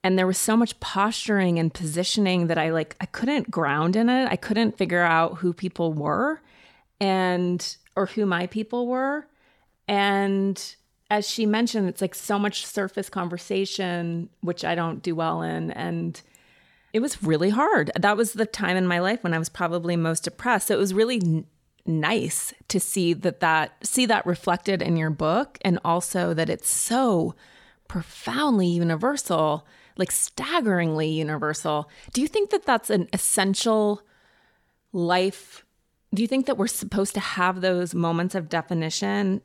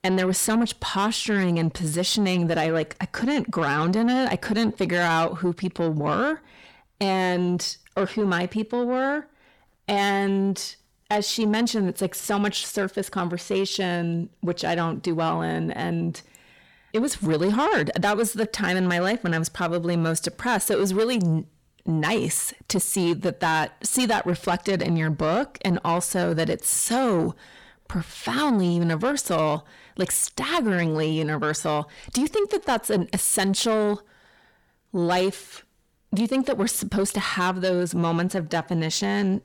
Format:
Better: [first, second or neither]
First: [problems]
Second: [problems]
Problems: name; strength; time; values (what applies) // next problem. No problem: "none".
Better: first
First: none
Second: distortion; slight; 10 dB below the speech